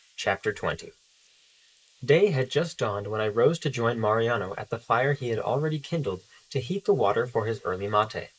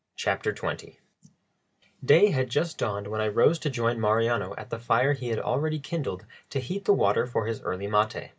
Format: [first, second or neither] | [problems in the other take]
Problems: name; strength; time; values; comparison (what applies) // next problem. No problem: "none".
second | noise reduction (neural mask model Resemble Enhance denoiser)